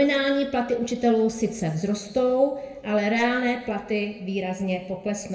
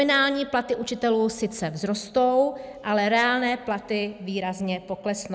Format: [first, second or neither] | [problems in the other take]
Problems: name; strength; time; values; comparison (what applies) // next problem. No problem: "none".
second | room echo; dies away in 0.7 s